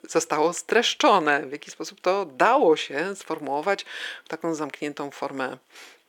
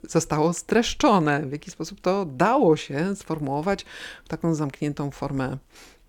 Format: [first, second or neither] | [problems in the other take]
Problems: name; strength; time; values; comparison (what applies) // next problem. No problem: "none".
second | thin; somewhat; fading below 450 Hz